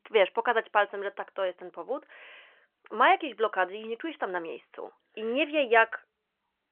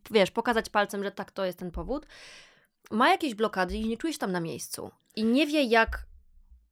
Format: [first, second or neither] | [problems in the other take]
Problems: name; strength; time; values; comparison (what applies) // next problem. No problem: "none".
second | phone-call audio; nothing above 3 kHz